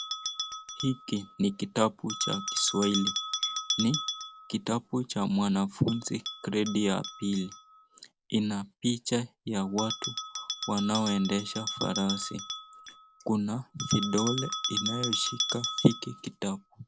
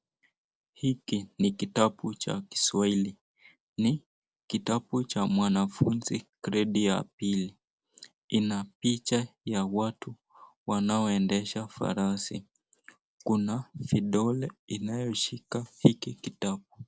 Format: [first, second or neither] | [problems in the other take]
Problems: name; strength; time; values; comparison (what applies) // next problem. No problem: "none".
second | background sound (Bell); 6 dB below the speech